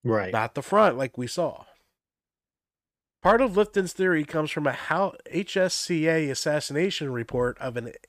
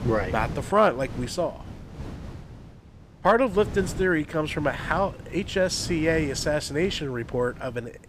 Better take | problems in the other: first | wind noise on the microphone; occasional gusts; 20 dB below the speech

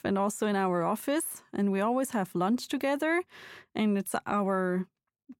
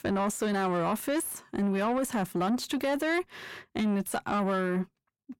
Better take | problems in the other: first | distortion; slight; 10 dB below the speech

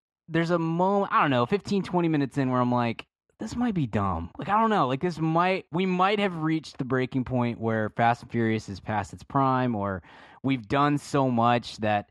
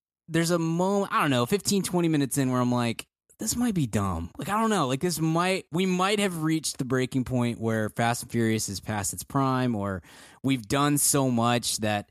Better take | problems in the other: second | muffled; very; fading above 2.5 kHz

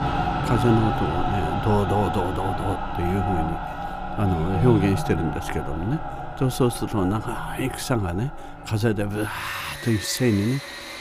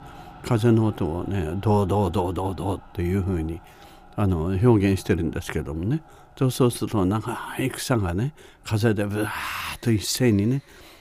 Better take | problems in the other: second | machinery noise; loud; throughout; 5 dB below the speech; faint in the second

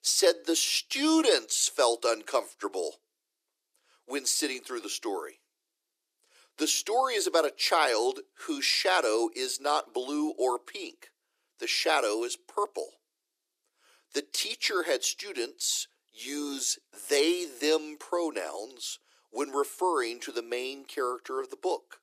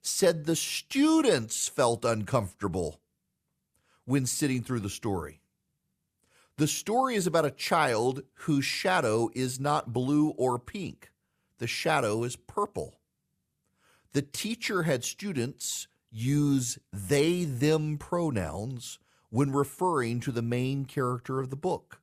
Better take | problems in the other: second | thin; somewhat; fading below 300 Hz

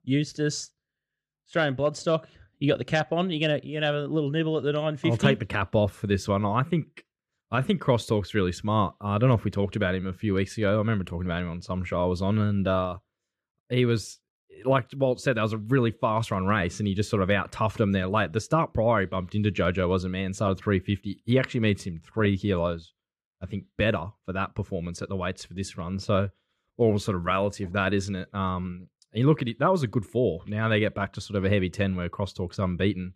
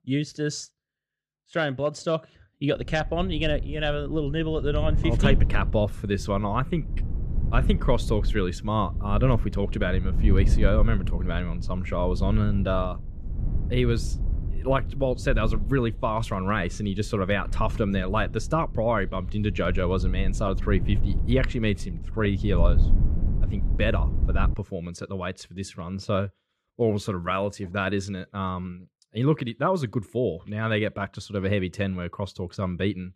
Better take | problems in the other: first | low rumble; noticeable; from 3 to 25 s; 15 dB below the speech

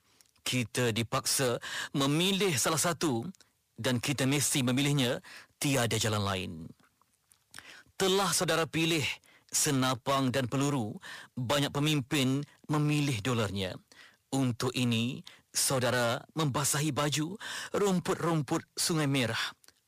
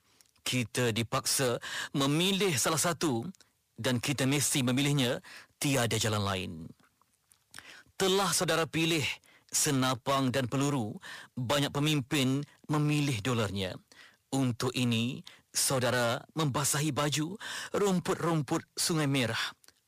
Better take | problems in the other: neither | distortion; slight; 10% of the sound clipped; the same in both

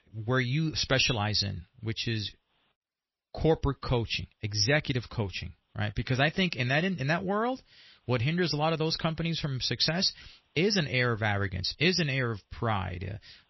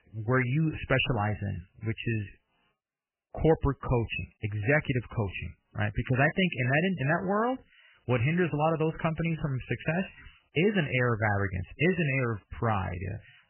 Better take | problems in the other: first | garbled, watery; badly; nothing above 3 kHz; slightly in the first

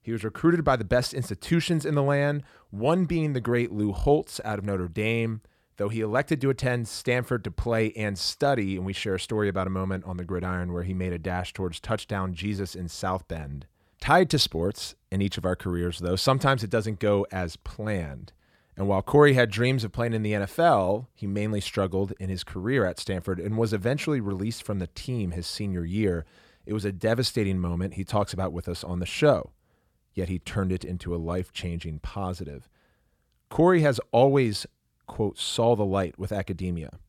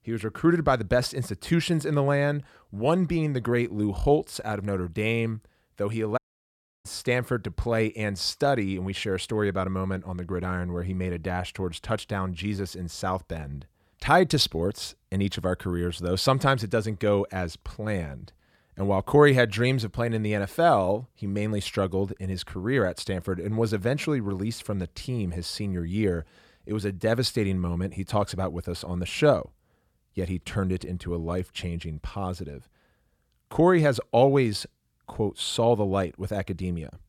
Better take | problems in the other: first | audio cutting out; at 6 s for 0.5 s

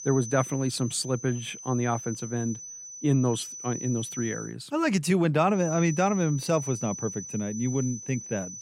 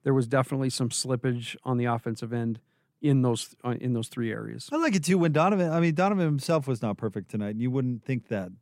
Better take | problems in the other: second | high-pitched whine; loud; until 4.5 s and from 5.5 s on; 6 kHz, 10 dB below the speech

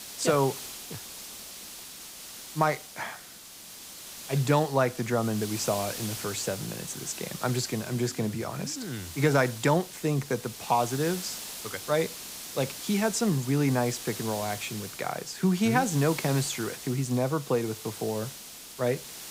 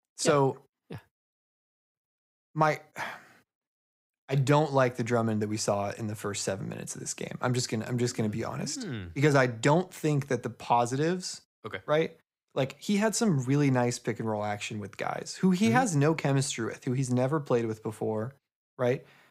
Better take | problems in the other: second | hiss; loud; throughout; 10 dB below the speech

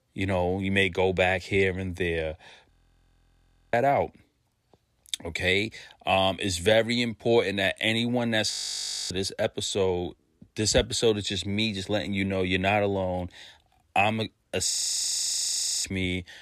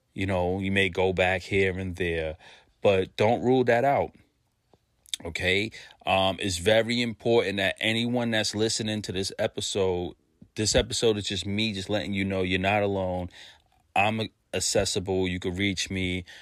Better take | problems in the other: second | audio freezing; at 2.5 s for 1 s, at 8.5 s for 0.5 s and at 15 s for 1 s

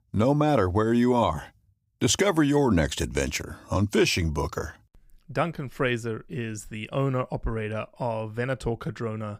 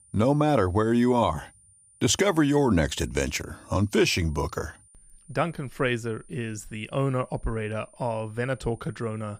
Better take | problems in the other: first | high-pitched whine; faint; throughout; 9 kHz, 30 dB below the speech

